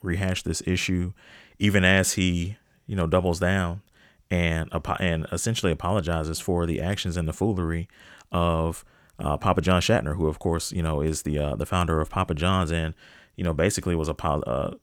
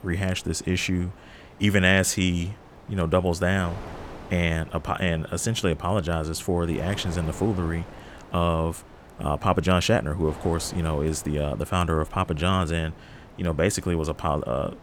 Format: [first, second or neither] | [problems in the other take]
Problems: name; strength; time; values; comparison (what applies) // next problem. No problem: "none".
first | wind noise on the microphone; occasional gusts; 20 dB below the speech